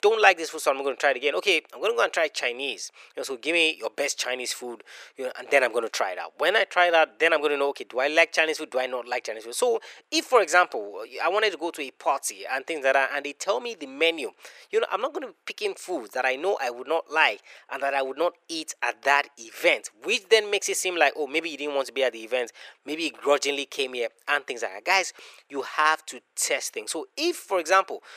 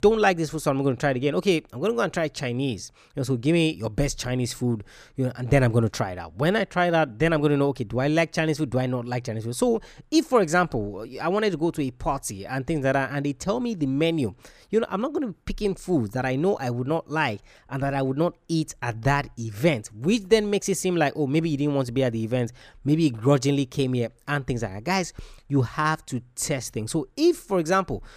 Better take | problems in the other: second | thin; very; fading below 450 Hz

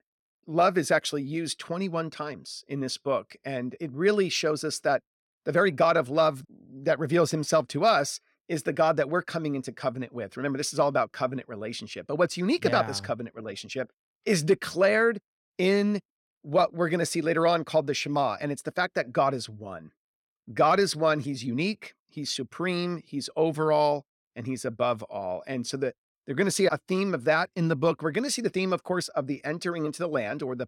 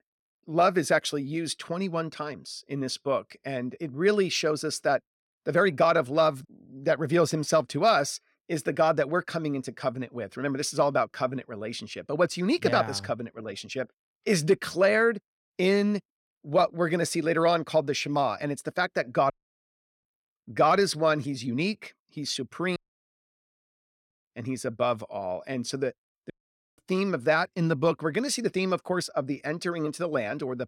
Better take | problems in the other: first | audio cutting out; at 19 s for 0.5 s, at 23 s for 1.5 s and at 26 s

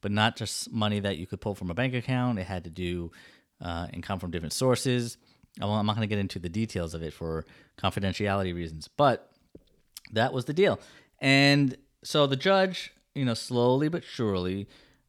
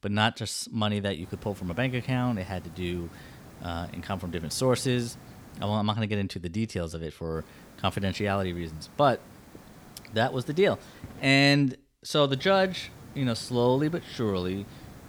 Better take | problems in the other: first | hiss; faint; from 1 to 6 s, from 7.5 to 11 s and from 12 s on; 20 dB below the speech

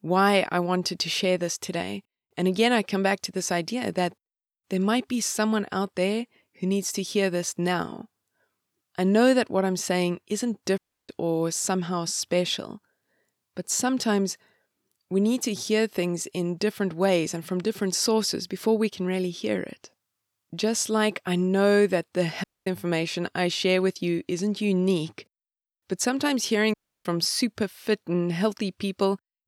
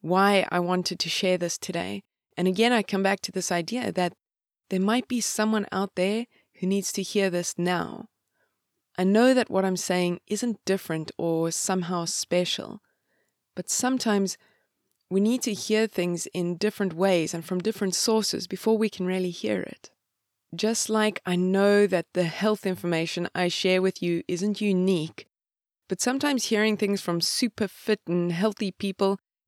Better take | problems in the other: second | audio cutting out; at 11 s, at 22 s and at 27 s

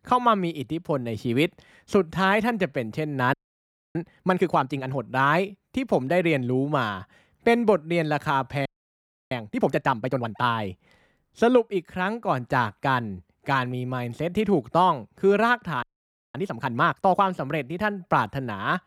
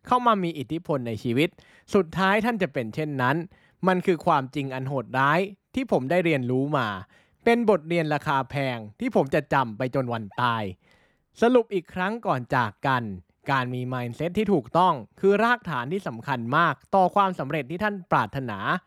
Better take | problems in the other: second | audio freezing; at 3.5 s for 0.5 s, at 8.5 s for 0.5 s and at 16 s for 0.5 s

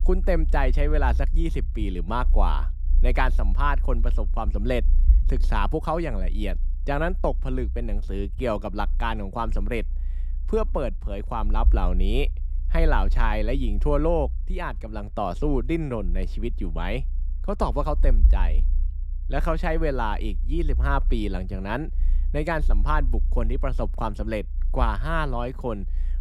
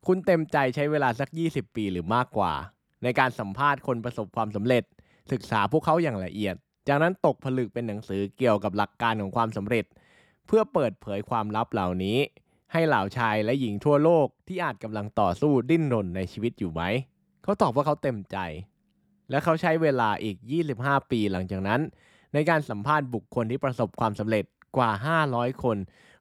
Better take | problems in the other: second | low rumble; faint; throughout; 20 dB below the speech

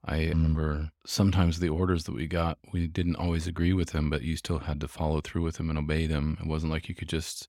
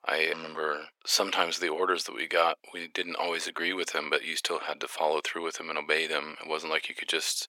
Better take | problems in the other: first | thin; very; fading below 450 Hz

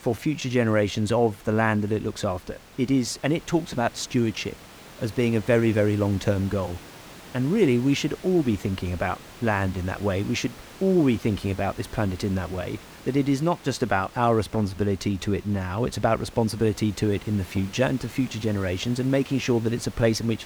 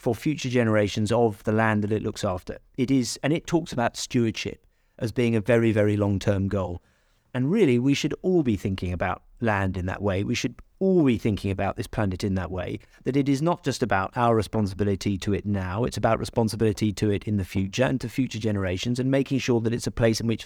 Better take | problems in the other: second | hiss; noticeable; throughout; 20 dB below the speech

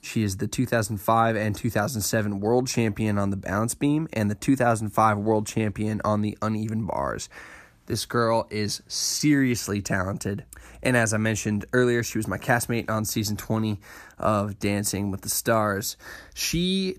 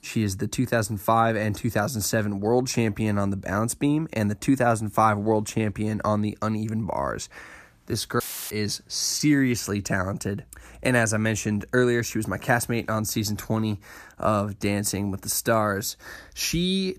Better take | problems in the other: first | audio cutting out; filled with static; at 8 s

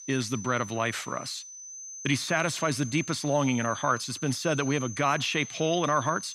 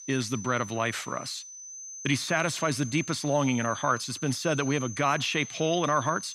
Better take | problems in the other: neither | high-pitched whine; noticeable; throughout; 6 kHz, 10 dB below the speech; the same in both

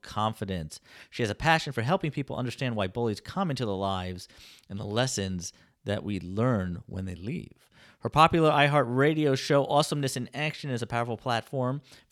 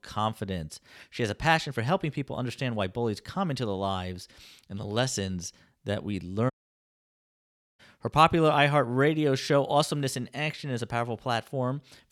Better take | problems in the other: first | audio cutting out; at 6.5 s for 1.5 s

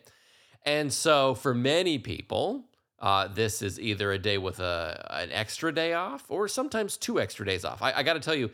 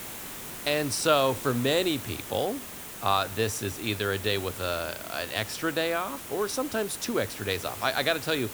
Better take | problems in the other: first | hiss; loud; throughout; 9 dB below the speech

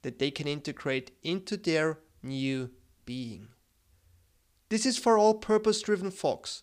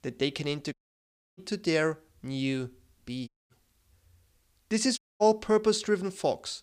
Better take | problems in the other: first | audio cutting out; at 0.5 s for 0.5 s, at 3.5 s and at 5 s

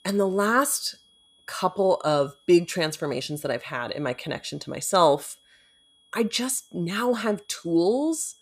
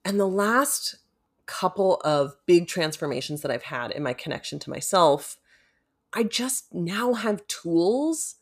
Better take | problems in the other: second | high-pitched whine; faint; throughout; 3.5 kHz, 35 dB below the speech

